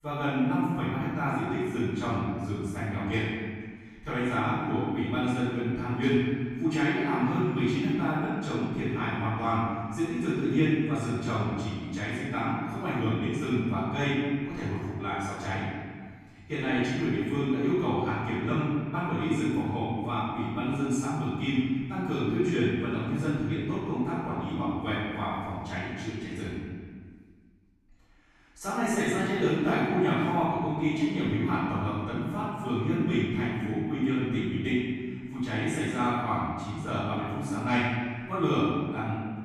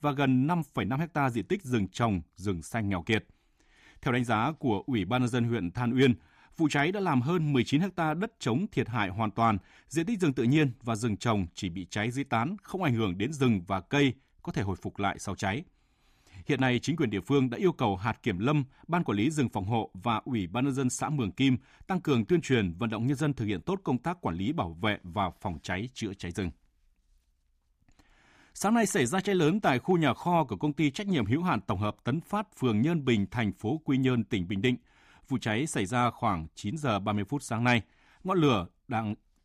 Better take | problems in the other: second | off-mic speech; far // room echo; strong; dies away in 1.6 s

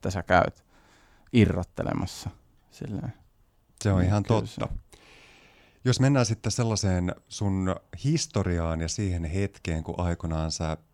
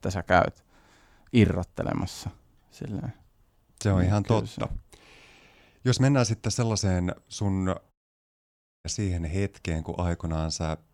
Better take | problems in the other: first | audio cutting out; at 8 s for 1 s

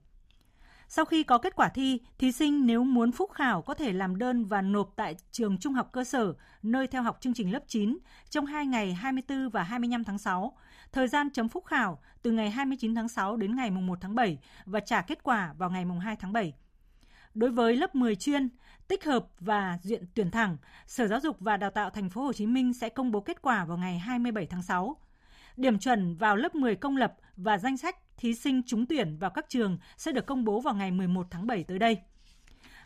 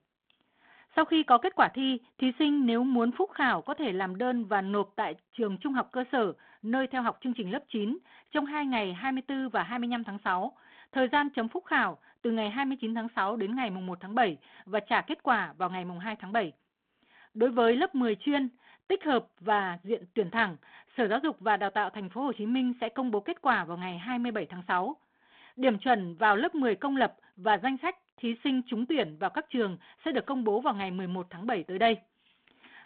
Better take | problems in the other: first | phone-call audio

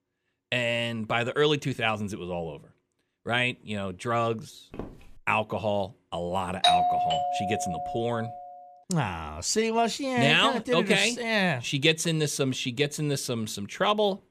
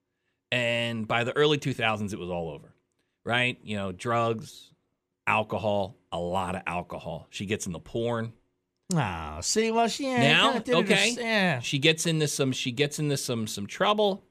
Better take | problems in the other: second | footsteps; faint; at 4.5 s; peak 15 dB below the speech // doorbell; loud; from 6.5 to 8 s; peak 5 dB above the speech

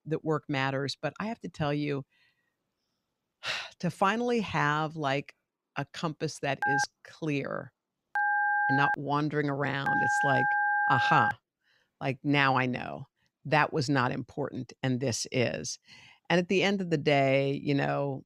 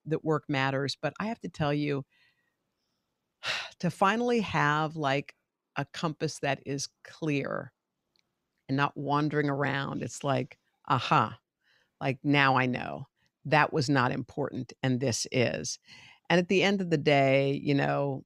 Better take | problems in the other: second | phone ringing; loud; from 6.5 to 11 s; peak 4 dB above the speech

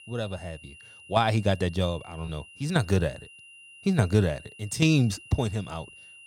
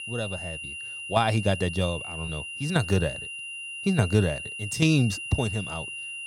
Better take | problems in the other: first | high-pitched whine; loud; throughout; 3 kHz, 7 dB below the speech; faint in the first

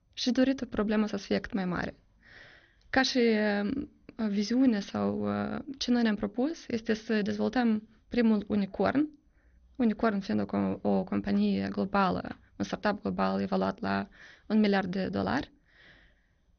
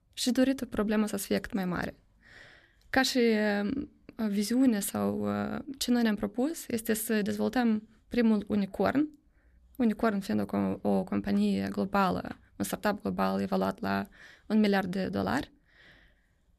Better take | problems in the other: second | garbled, watery; slightly; nothing above 6.5 kHz

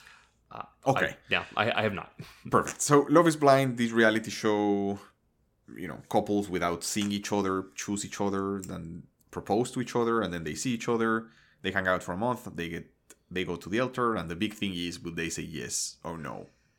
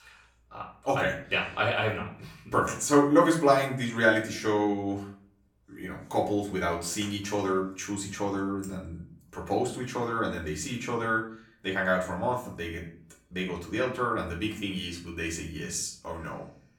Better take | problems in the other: first | off-mic speech; far // room echo; slight; dies away in 0.4 s

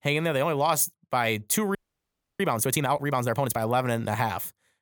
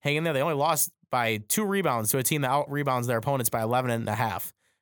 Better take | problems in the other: second | audio freezing; at 2 s for 0.5 s

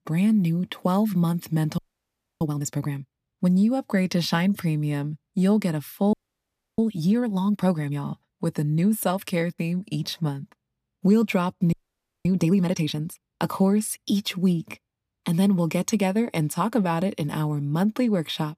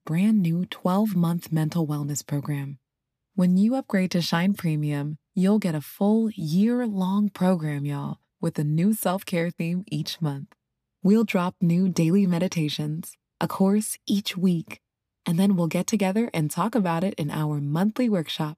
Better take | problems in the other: second | audio freezing; at 2 s for 0.5 s, at 6 s for 0.5 s and at 12 s for 0.5 s

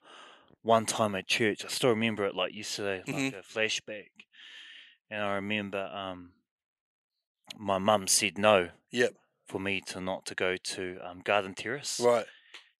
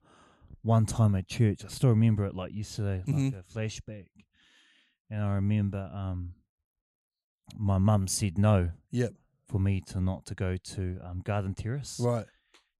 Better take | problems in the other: second | thin; very; fading below 450 Hz

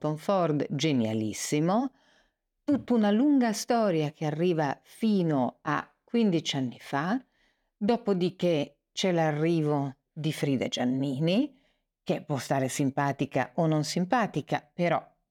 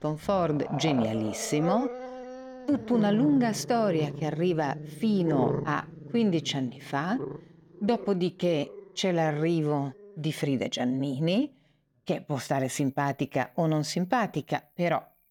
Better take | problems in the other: first | animal sounds; loud; throughout; 9 dB below the speech

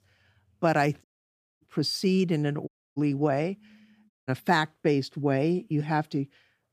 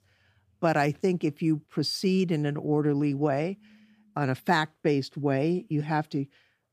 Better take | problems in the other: second | audio cutting out; at 1 s for 0.5 s, at 2.5 s and at 4 s

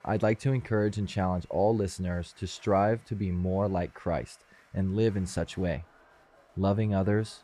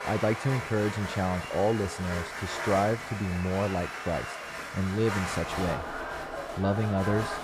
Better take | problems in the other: first | crowd noise; loud; throughout; 5 dB below the speech; faint in the first

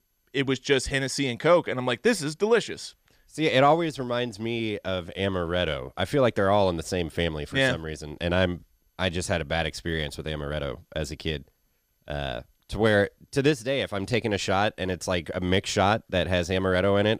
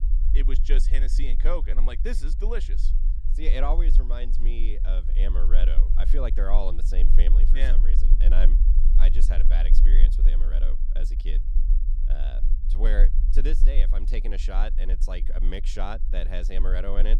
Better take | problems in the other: first | low rumble; noticeable; throughout; 10 dB below the speech

